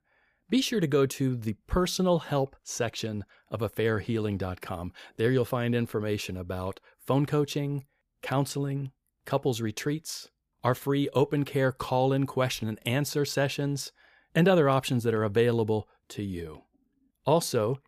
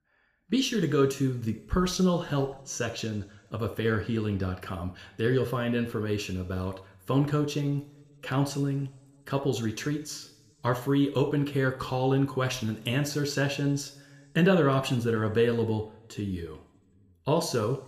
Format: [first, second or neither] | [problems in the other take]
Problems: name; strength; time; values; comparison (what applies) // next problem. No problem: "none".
first | room echo; slight; dies away in 0.9 s